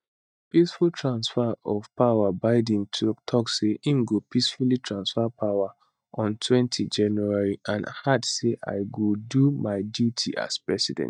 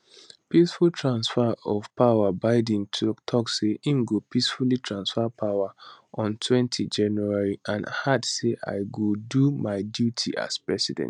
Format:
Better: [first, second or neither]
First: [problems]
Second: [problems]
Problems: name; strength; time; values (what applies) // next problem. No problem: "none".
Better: second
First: noise reduction (neural mask model DeepFilterNet 3)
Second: none